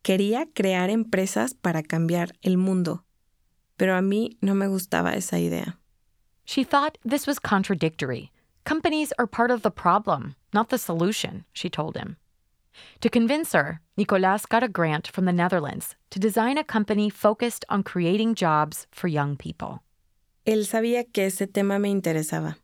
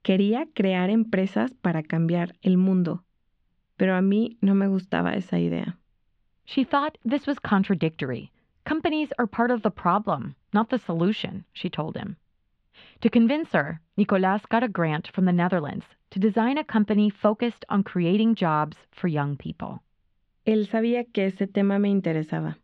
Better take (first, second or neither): first